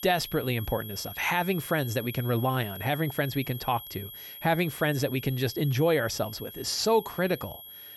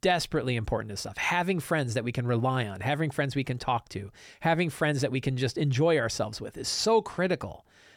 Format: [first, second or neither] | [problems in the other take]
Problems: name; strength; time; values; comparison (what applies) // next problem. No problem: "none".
second | high-pitched whine; noticeable; throughout; 11.5 kHz, 10 dB below the speech